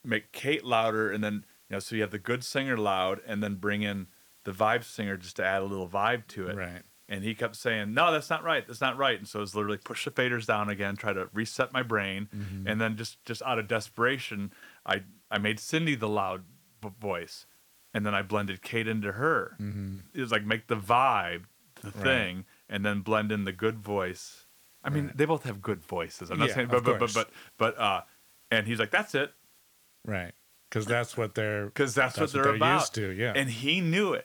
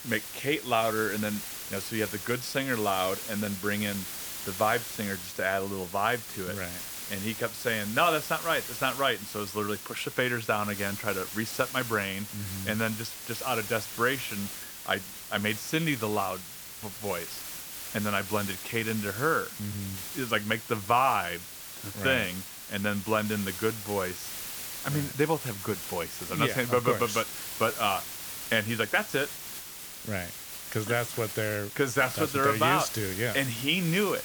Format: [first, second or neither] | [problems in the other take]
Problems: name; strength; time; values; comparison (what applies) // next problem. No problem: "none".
first | hiss; loud; throughout; 7 dB below the speech; faint in the first